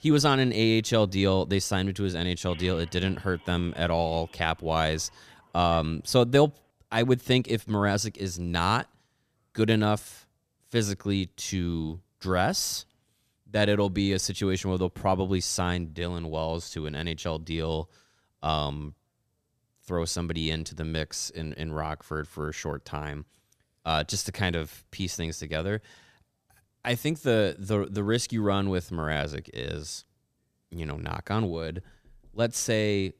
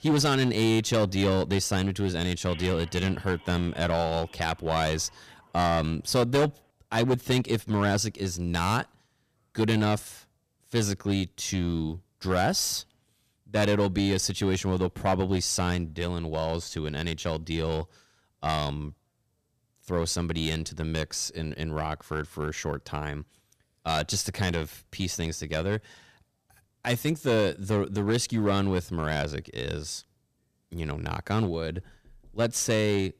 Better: first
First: none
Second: distortion; slight; 5% of the sound clipped

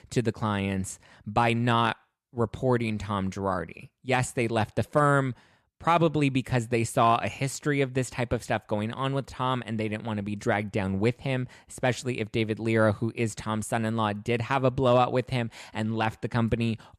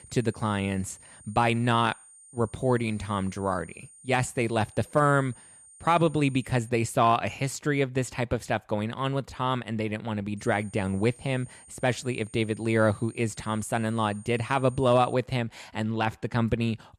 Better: first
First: none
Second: high-pitched whine; faint; until 6.5 s and from 10 to 15 s; 9 kHz, 20 dB below the speech

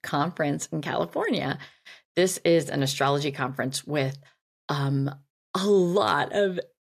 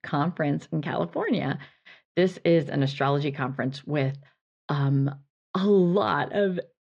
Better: first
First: none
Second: muffled; slightly; fading above 3.5 kHz

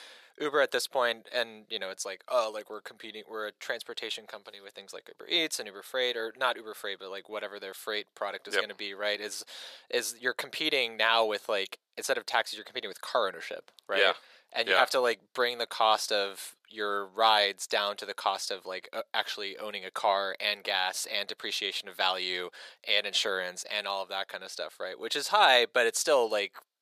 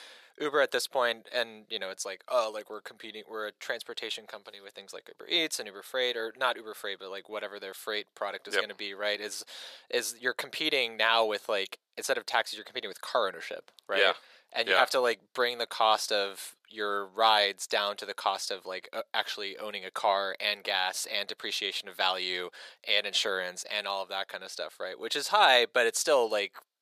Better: neither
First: thin; very; fading below 550 Hz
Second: thin; very; fading below 550 Hz

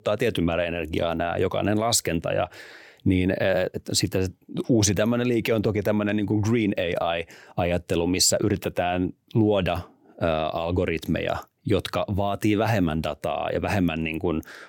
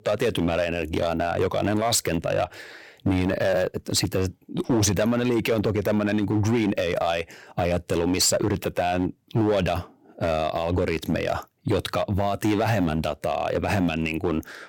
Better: first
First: none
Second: distortion; slight; 8% of the sound clipped

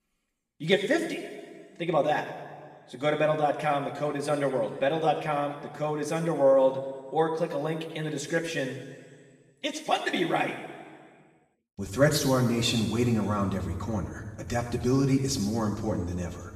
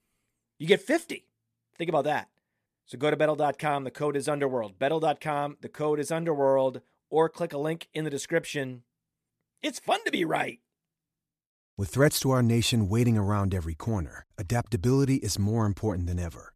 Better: second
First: room echo; noticeable; dies away in 1.6 s // off-mic speech; far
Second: none

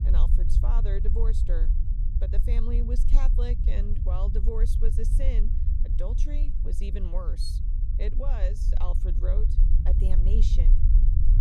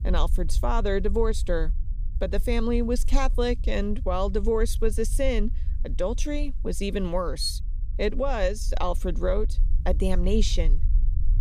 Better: second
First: low rumble; loud; throughout; 5 dB below the speech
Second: low rumble; faint; throughout; 25 dB below the speech

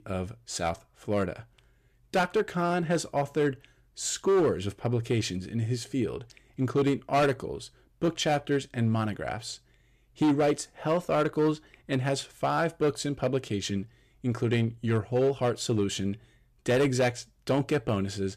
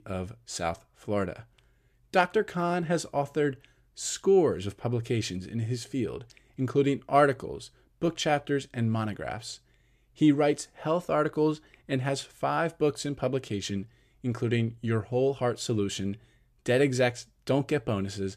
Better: second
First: distortion; slight; 5% of the sound clipped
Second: none

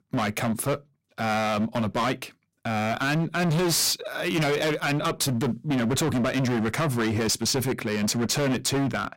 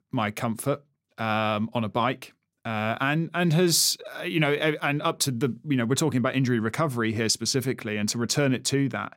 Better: second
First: distortion; heavy; 26% of the sound clipped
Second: none

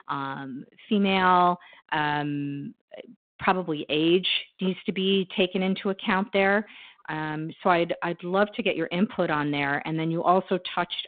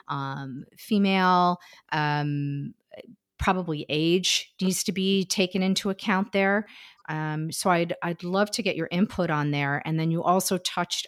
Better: second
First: phone-call audio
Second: none

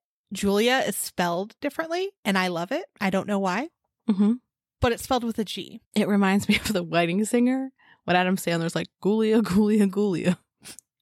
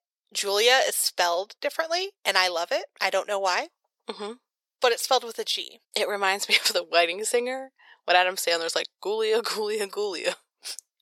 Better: first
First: none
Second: thin; very; fading below 500 Hz

